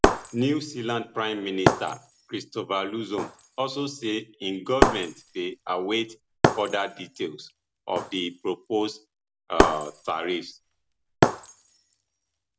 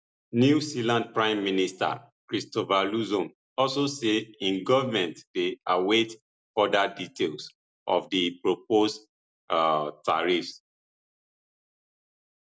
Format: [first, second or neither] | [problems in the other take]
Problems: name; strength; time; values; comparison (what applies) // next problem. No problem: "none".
second | background sound (Shatter); 2 dB above the speech